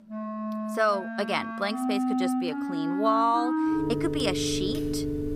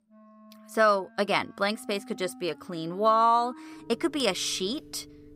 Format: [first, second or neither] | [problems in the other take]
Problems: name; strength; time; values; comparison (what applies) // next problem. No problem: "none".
second | background music; loud; throughout; 1 dB below the speech; faint in the second